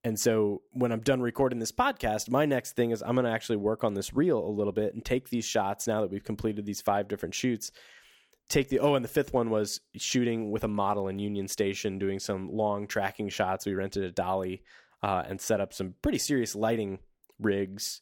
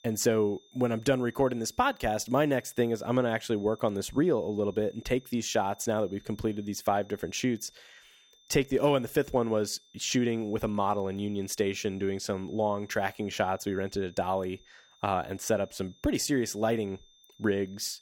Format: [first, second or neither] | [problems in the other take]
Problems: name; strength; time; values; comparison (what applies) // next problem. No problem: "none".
first | high-pitched whine; faint; throughout; 3.5 kHz, 30 dB below the speech